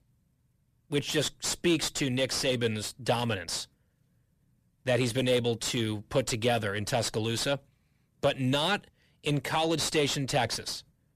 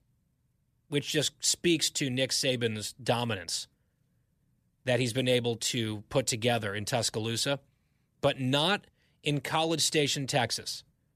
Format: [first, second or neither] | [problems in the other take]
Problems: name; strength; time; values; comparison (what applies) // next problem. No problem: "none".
second | distortion; slight; 9 dB below the speech